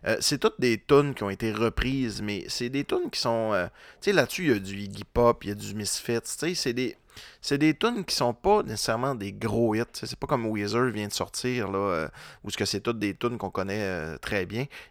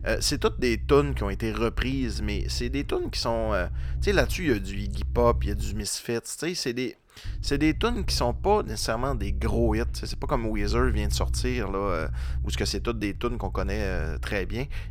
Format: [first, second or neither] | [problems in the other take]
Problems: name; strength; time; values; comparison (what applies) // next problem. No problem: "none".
first | low rumble; faint; until 6 s and from 7.5 s on; 20 dB below the speech